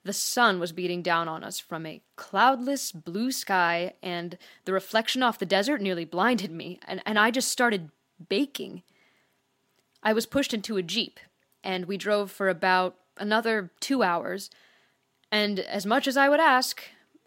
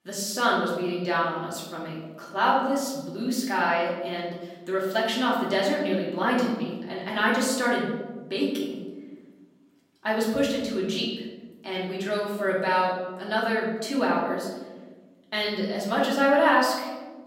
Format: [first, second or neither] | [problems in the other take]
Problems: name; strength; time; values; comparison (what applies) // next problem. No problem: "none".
first | room echo; noticeable; dies away in 1.2 s // off-mic speech; far